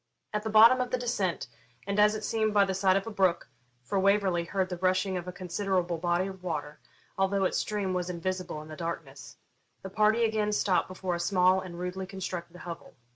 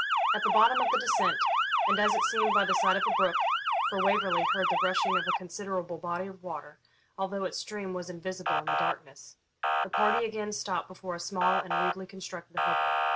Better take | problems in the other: first | background sound (Motor vehicle (road) / Siren); 3 dB above the speech

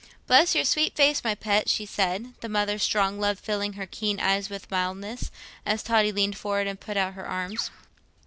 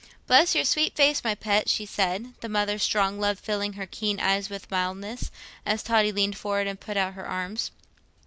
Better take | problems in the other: second | background sound (Bird); 18 dB below the speech

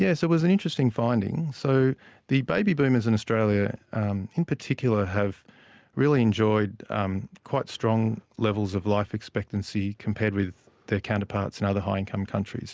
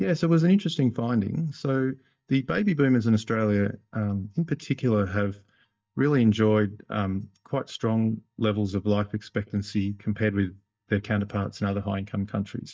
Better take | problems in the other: first | noise reduction (neural mask model DeepFilterNet 3)

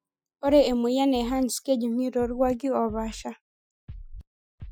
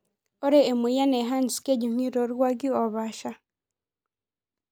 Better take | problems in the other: second | noise reduction (classical method Wiener filter)

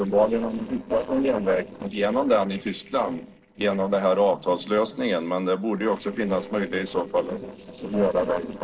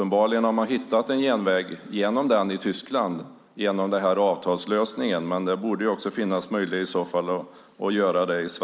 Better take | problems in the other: second | noise reduction (neural separator model SepFormer DNS4)

